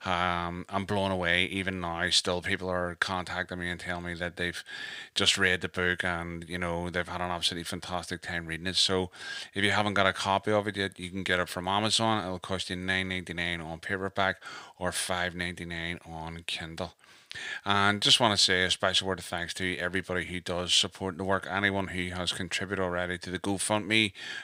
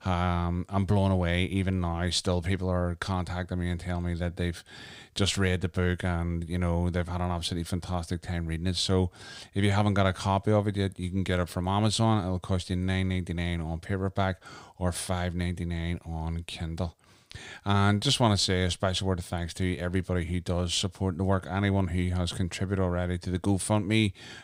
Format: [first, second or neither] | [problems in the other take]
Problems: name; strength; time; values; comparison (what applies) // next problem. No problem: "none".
second | thin; somewhat; fading below 900 Hz